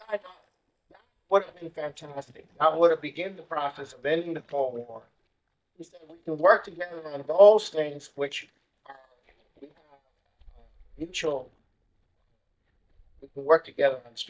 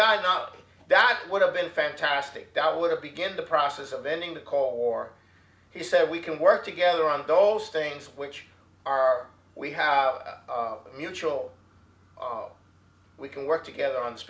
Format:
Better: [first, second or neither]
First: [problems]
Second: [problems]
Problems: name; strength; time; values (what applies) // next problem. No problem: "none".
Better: second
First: noise reduction (neural mask model DeepFilterNet 3)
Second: none